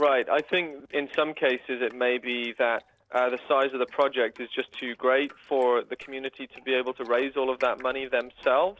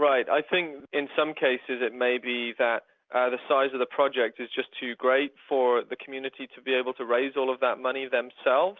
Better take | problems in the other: second | noise reduction (neural separator model SepFormer DNS4)

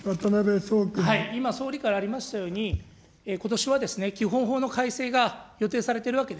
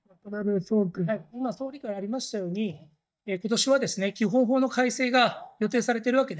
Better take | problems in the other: first | noise reduction (neural mask model DeepFilterNet 3)

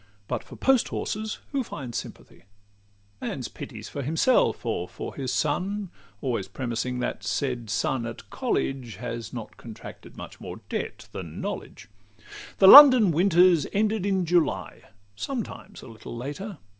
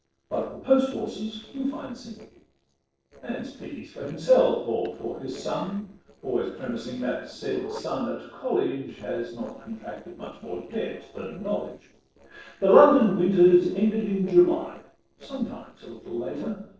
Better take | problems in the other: first | noise reduction (neural separator model SepFormer DNS4)

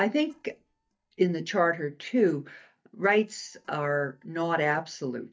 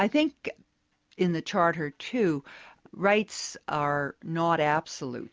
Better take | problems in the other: second | noise reduction (neural mask model DeepFilterNet 3)

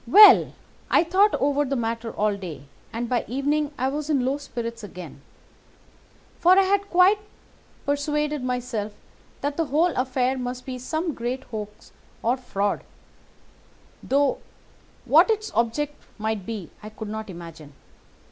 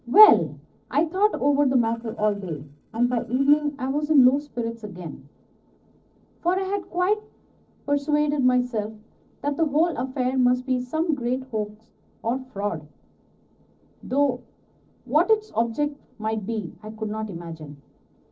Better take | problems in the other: first | noise reduction (neural separator model SepFormer DNS4)

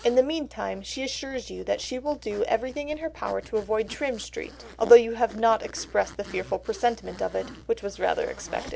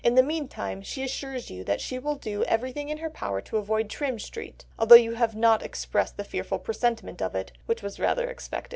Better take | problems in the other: second | background sound (Zipper (clothing)); 20 dB below the speech

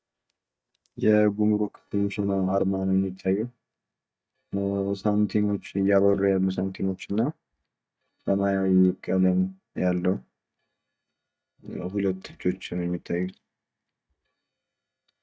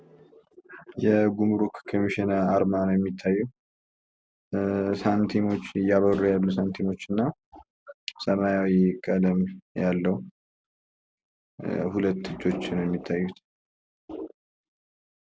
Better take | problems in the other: second | noise reduction (neural mask model DeepFilterNet 3)

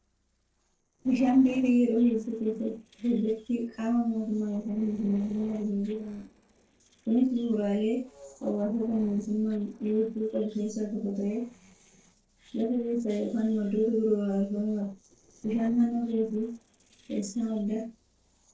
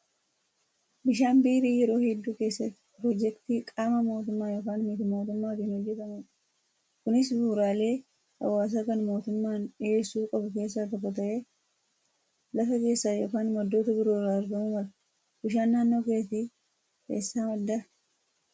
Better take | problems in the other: second | noise reduction (neural separator model SepFormer DNS4)

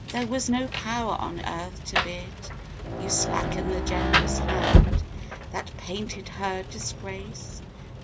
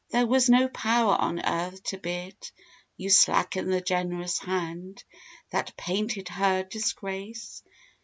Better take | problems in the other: second | background sound (Rain); 5 dB above the speech

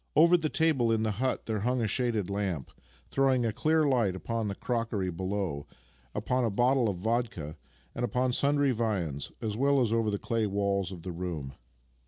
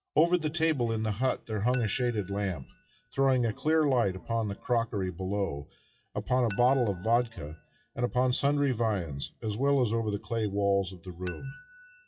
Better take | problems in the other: first | noise reduction (classical method WPE with log-MMSE)

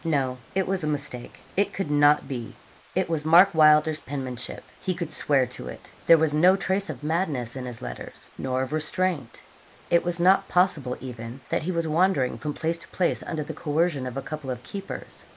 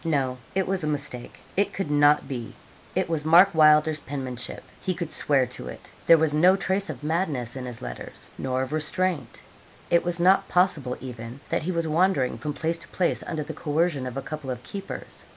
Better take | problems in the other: second | noise reduction (neural mask model Resemble Enhance denoiser)

